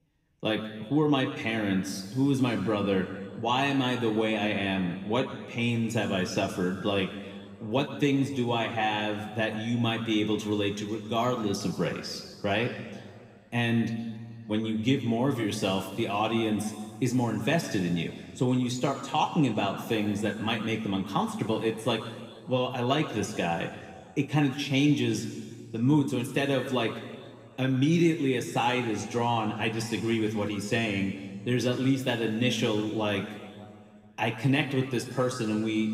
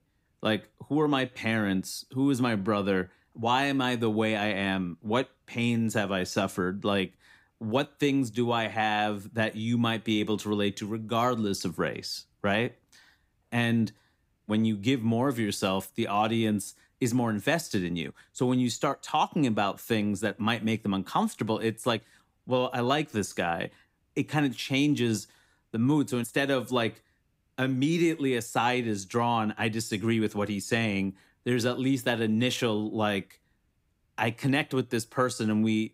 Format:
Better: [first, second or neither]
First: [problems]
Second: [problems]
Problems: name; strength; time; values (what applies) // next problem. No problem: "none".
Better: second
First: room echo; slight; dies away in 2.1 s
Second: none